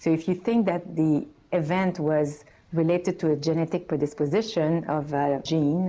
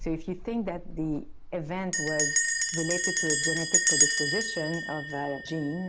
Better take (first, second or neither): first